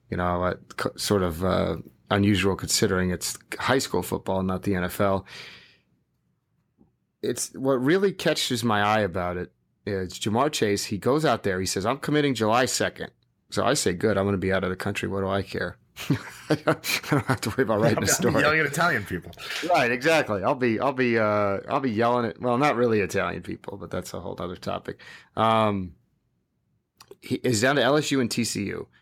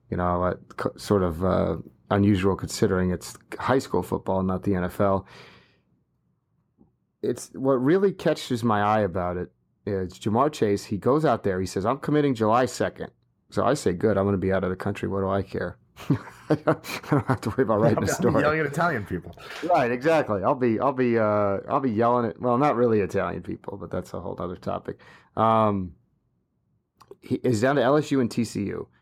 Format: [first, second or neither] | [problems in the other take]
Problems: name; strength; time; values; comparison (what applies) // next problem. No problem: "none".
first | muffled; slightly; fading above 1.5 kHz